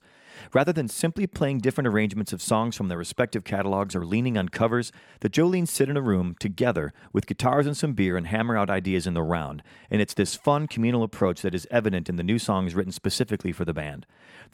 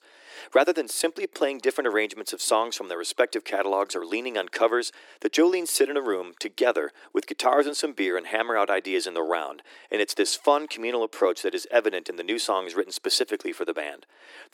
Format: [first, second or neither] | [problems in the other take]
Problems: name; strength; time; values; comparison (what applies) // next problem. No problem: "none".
first | thin; very; fading below 300 Hz